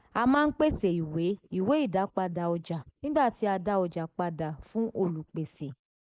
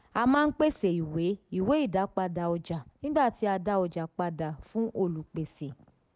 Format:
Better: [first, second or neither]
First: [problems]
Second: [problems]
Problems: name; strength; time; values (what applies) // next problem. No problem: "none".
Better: second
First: noise reduction (neural mask model Resemble Enhance denoiser)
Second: none